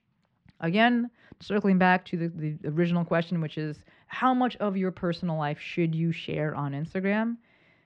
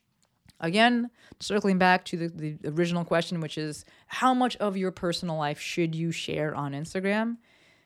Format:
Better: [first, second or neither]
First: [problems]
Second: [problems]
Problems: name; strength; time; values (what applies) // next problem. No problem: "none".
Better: second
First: muffled; slightly; fading above 2.5 kHz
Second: none